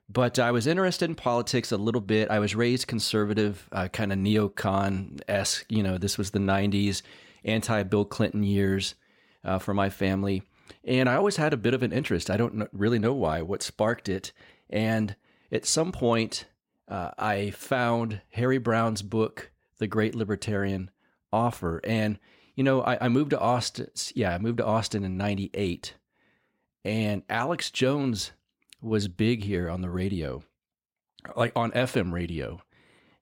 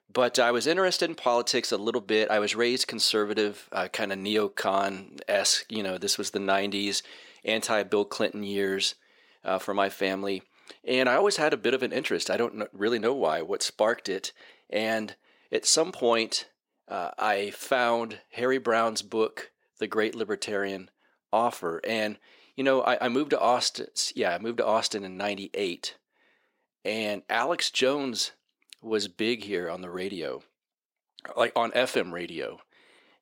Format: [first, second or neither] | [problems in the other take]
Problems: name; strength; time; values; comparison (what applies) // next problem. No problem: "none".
first | thin; somewhat; fading below 400 Hz